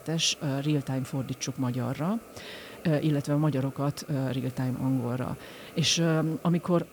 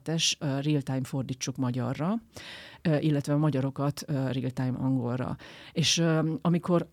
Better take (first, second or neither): second